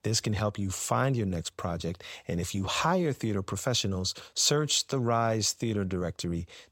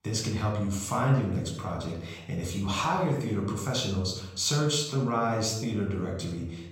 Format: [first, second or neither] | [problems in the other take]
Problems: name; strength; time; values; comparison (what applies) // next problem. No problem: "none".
first | off-mic speech; far // room echo; noticeable; dies away in 0.7 s